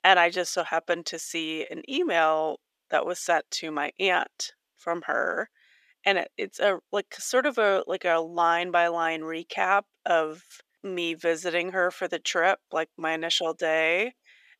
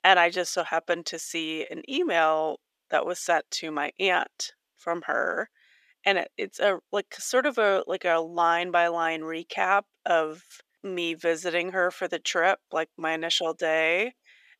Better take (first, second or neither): neither